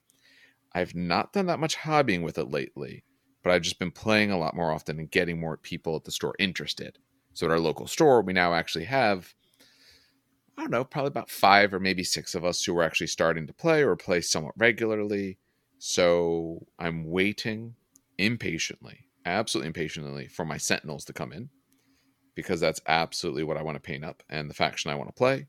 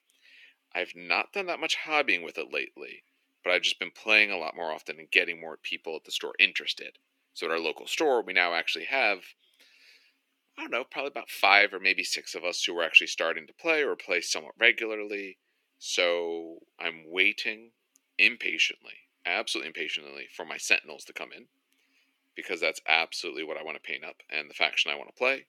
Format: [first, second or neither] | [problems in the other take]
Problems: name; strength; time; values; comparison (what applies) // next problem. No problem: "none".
first | thin; somewhat; fading below 300 Hz